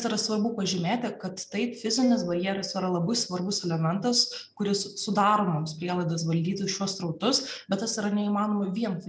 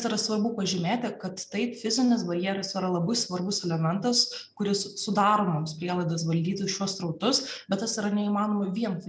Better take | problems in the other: second | background sound (Marimba, xylophone); 14 dB below the speech

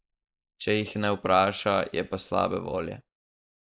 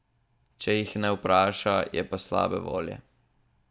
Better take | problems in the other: second | noise reduction (neural mask model Resemble Enhance denoiser)

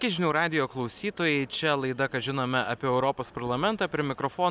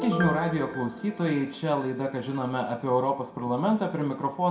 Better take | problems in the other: first | background sound (Piano); 12 dB below the speech // room echo; dies away in 0.5 s

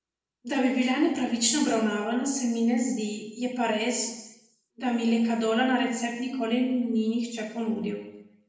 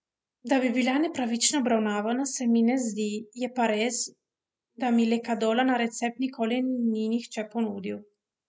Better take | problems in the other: second | room echo; dies away in 0.8 s

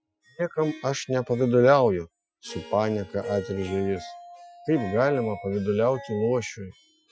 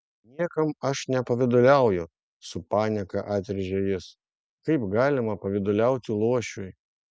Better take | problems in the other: second | noise reduction (classical method Wiener filter)

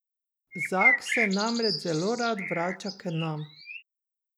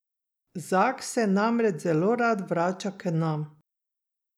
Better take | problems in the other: second | background sound (Bird); as loud as the speech

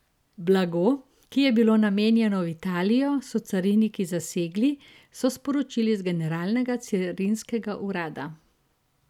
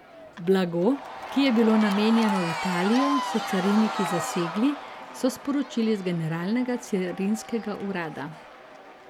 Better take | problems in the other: first | background sound (Crowd / Cheering); 8 dB below the speech

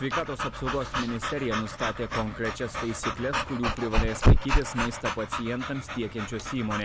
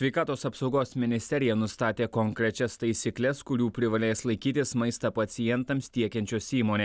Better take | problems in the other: second | background sound (Dog / Breathing); 3 dB above the speech

